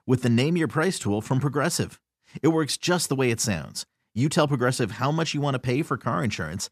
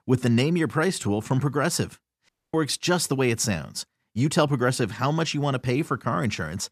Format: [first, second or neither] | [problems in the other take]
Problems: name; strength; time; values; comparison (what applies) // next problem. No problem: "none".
first | audio cutting out; at 2.5 s